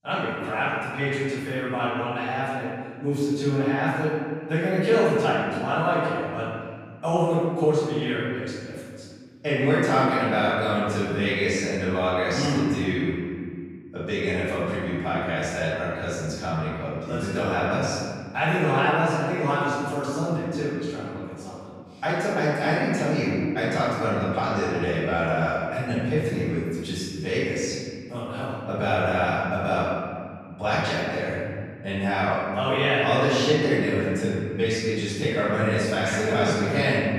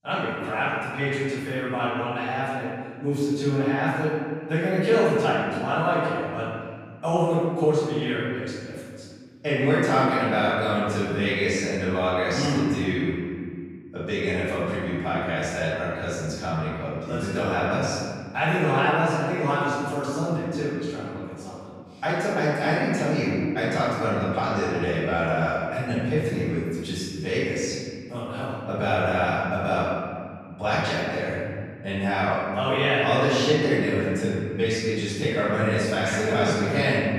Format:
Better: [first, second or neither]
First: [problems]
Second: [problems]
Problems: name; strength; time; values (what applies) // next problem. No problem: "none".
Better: neither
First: off-mic speech; far // room echo; strong; dies away in 2 s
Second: off-mic speech; far // room echo; strong; dies away in 2 s